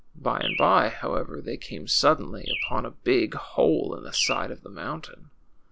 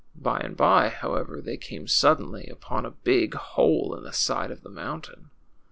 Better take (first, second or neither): second